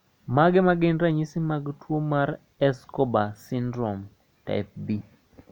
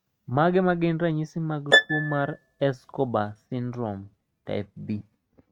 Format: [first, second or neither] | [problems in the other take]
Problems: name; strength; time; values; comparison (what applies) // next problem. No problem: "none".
first | noise reduction (neural mask model RNNoise)